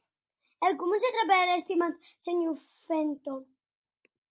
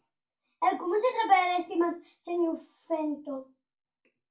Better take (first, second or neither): first